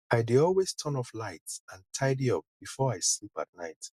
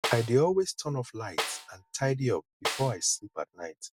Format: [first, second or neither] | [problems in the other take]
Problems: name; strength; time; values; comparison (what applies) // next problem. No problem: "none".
first | background sound (Snare drum); 9 dB below the speech